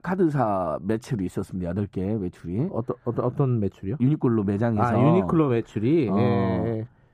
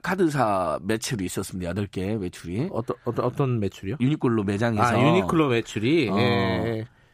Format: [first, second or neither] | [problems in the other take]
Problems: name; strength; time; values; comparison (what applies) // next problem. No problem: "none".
second | muffled; slightly; fading above 1.5 kHz